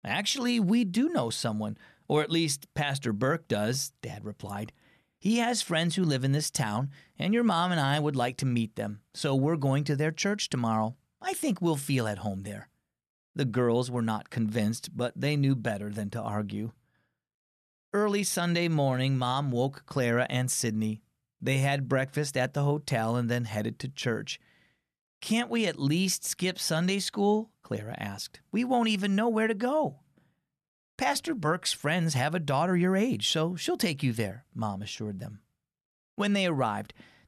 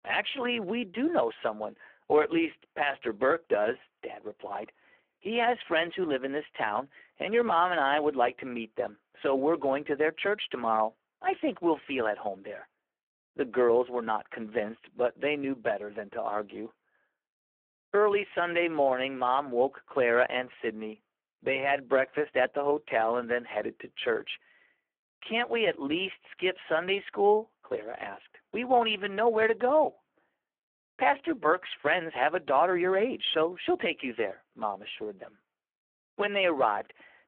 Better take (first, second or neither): first